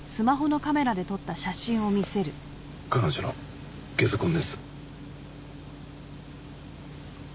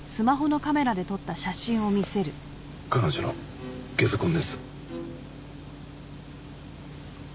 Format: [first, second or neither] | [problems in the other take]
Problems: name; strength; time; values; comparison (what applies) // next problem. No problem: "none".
first | background sound (Bowed string instrument); 13 dB below the speech